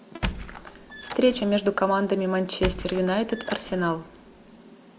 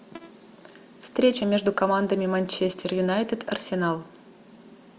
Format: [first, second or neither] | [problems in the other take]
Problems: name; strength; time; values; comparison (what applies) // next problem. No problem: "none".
second | background sound (Squeak); 10 dB below the speech